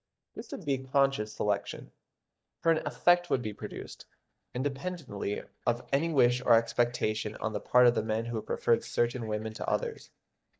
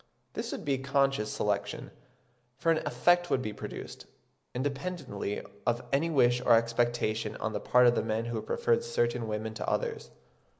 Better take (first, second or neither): second